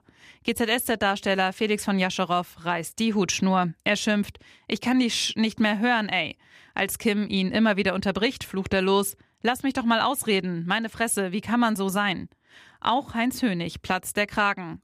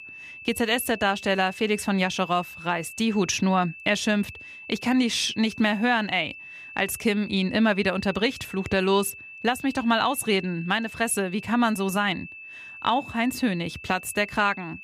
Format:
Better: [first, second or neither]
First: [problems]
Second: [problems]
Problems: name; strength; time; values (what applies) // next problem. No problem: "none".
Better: first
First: none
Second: high-pitched whine; noticeable; throughout; 2.5 kHz, 15 dB below the speech